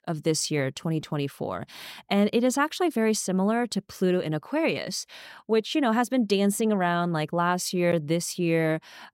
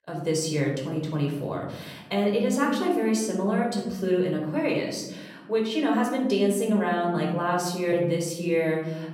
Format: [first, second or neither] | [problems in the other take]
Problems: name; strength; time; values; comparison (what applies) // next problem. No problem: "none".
first | off-mic speech; somewhat distant // room echo; noticeable; dies away in 1.1 s